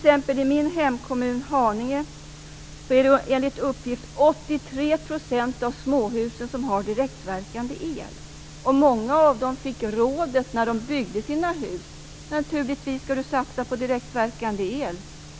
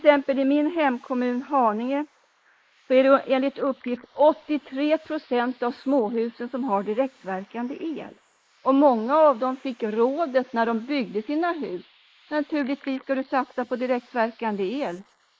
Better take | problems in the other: first | noise reduction (neural mask model Resemble Enhance denoiser)

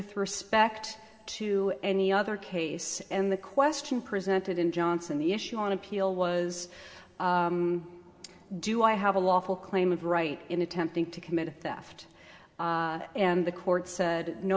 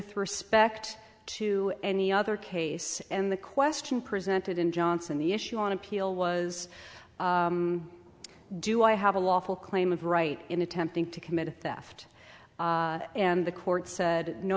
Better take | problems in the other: second | room echo; dies away in 1.7 s

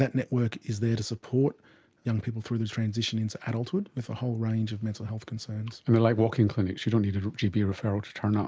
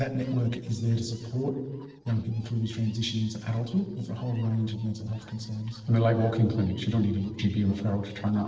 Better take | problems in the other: first | noise reduction (neural separator model SepFormer DNS4)

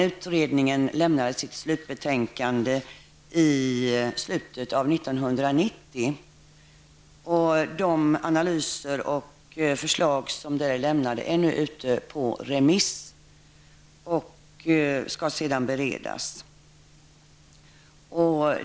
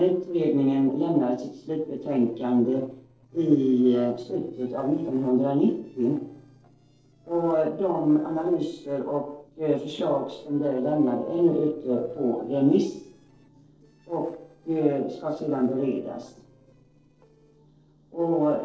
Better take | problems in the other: first | noise reduction (neural separator model SepFormer DNS4)

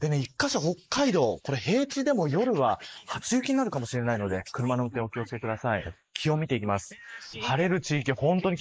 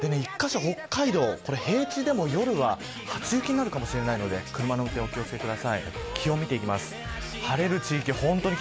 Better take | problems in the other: second | noise reduction (neural mask model Resemble Enhance denoiser)

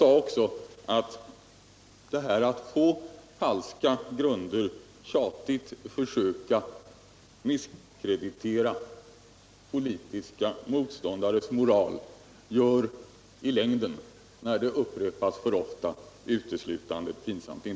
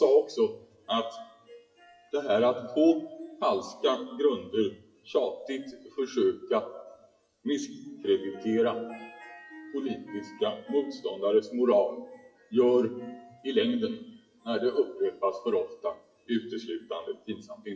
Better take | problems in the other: first | noise reduction (classical method WPE with log-MMSE)

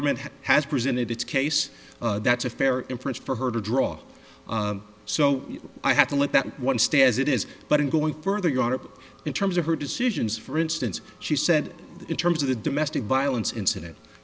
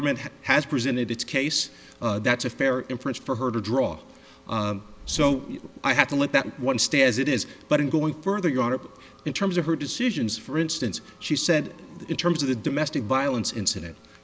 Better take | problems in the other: first | background sound (Zipper (clothing)); 14 dB below the speech

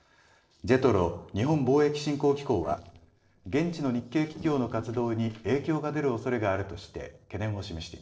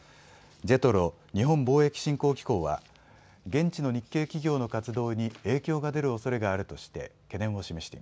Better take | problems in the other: second | noise reduction (neural separator model SepFormer DNS4)

